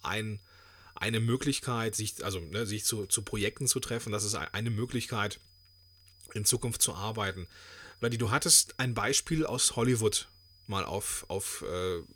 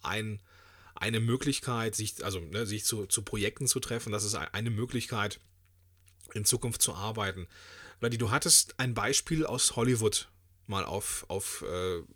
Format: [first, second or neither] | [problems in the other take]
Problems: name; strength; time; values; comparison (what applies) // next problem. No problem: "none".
second | high-pitched whine; faint; throughout; 5 kHz, 30 dB below the speech